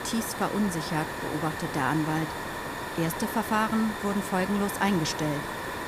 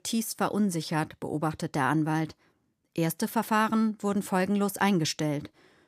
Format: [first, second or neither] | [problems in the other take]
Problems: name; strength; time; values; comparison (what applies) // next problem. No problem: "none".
second | hiss; loud; throughout; 5 dB below the speech